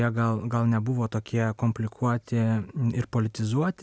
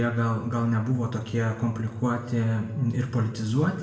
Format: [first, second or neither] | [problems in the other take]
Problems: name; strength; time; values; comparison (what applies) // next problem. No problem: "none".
first | room echo; dies away in 0.8 s